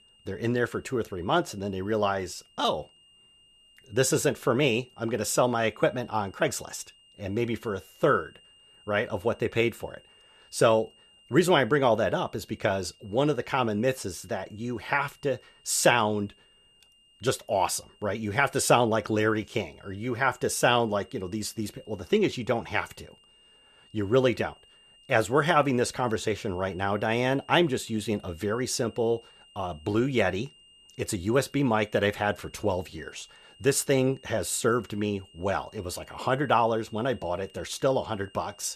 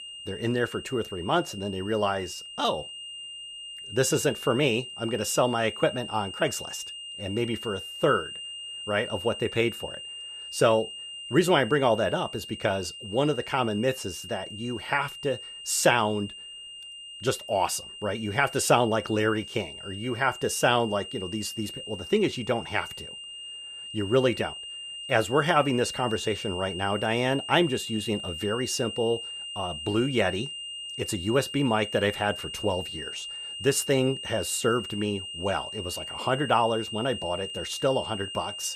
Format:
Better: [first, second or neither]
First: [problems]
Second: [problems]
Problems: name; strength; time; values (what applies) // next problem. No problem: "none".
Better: first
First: high-pitched whine; faint; throughout; 3 kHz, 30 dB below the speech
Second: high-pitched whine; loud; throughout; 3 kHz, 9 dB below the speech